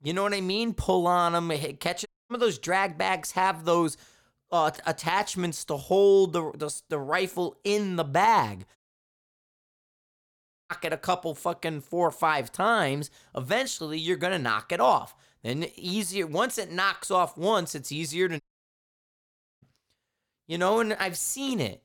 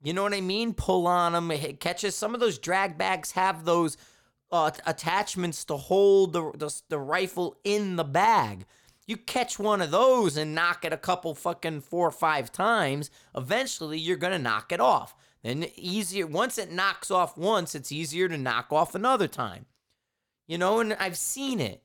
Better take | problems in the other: second | audio cutting out; at 2 s, at 9 s for 2 s and at 18 s for 1 s

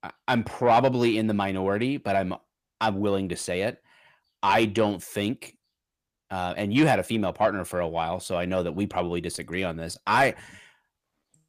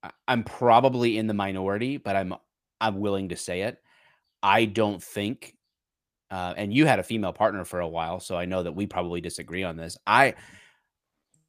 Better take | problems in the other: second | distortion; slight; 10 dB below the speech

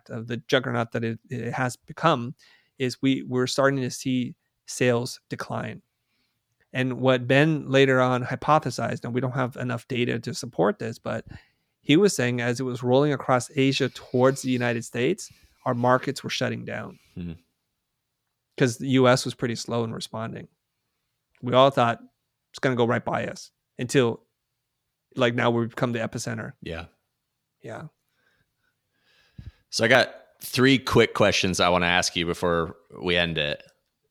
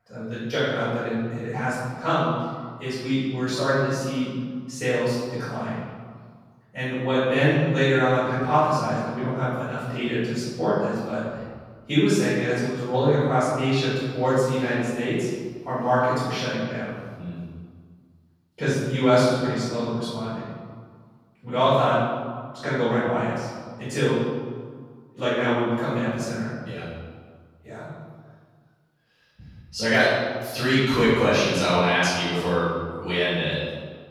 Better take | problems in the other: first | room echo; strong; dies away in 1.5 s // off-mic speech; far

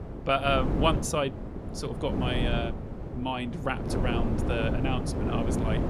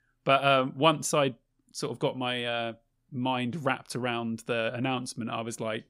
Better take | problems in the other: second | wind noise on the microphone; heavy; 6 dB below the speech

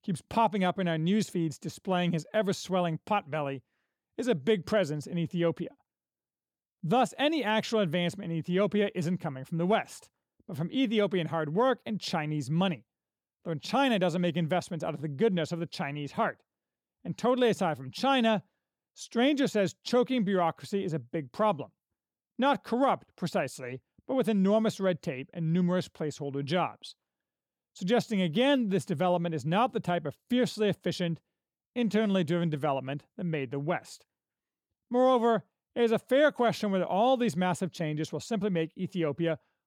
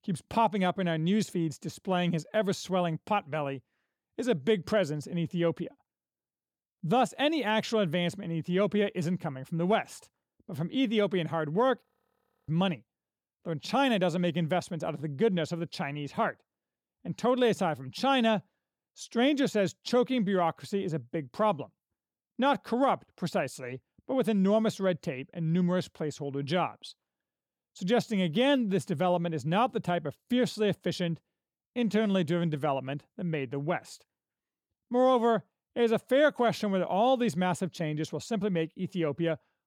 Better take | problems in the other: first | audio freezing; at 12 s for 0.5 s

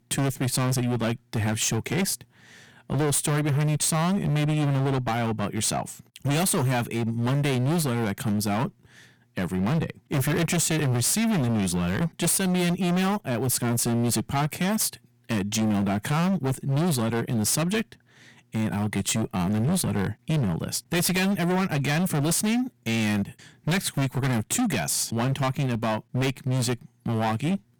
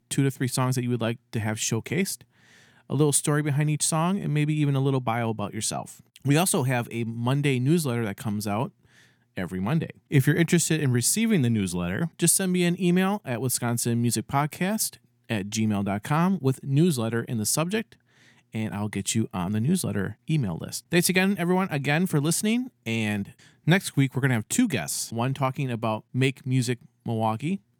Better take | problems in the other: second | distortion; heavy; 26% of the sound clipped

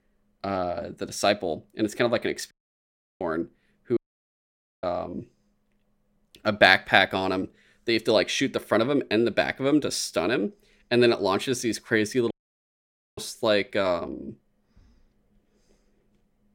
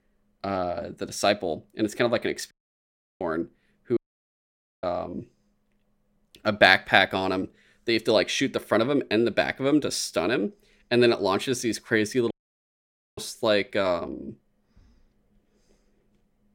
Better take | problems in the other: neither | audio cutting out; at 2.5 s for 0.5 s, at 4 s for 1 s and at 12 s for 1 s; the same in both

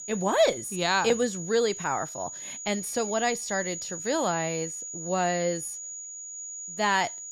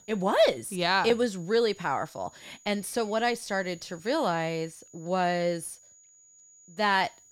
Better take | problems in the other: second | high-pitched whine; loud; throughout; 7 kHz, 8 dB below the speech; faint in the second

